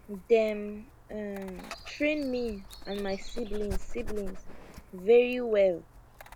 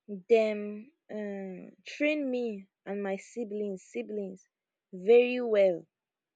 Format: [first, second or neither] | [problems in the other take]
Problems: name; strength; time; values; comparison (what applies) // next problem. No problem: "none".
second | background sound (Dog); 10 dB below the speech